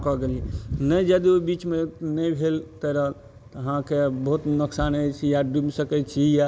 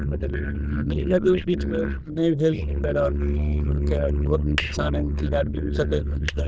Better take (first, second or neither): first